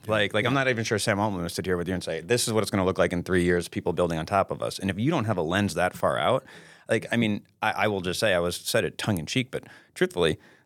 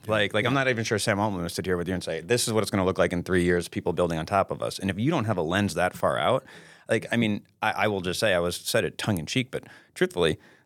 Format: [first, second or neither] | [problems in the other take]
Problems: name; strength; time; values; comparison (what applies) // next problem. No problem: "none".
neither | none